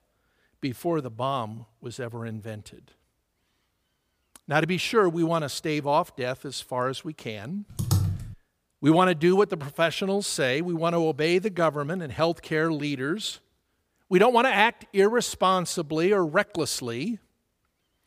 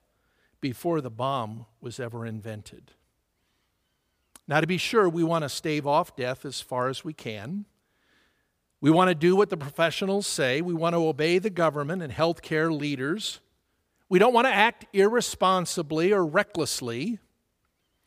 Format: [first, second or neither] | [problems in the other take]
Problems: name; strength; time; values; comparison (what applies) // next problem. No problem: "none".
second | keyboard typing; noticeable; at 8 s; peak level with the speech